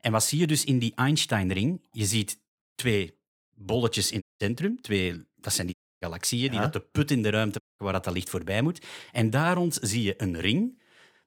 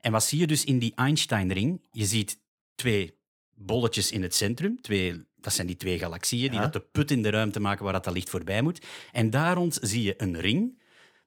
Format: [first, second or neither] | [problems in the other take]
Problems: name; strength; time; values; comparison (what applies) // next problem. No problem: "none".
second | audio cutting out; at 4 s, at 5.5 s and at 7.5 s